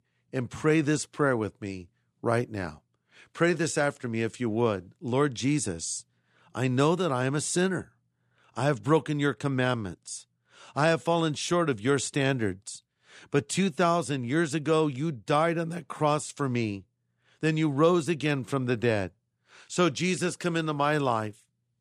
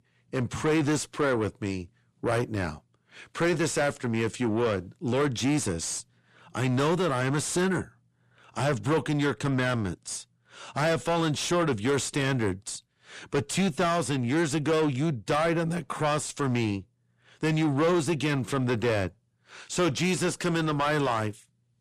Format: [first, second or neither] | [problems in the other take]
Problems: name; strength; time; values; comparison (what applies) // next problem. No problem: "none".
first | distortion; heavy; 6 dB below the speech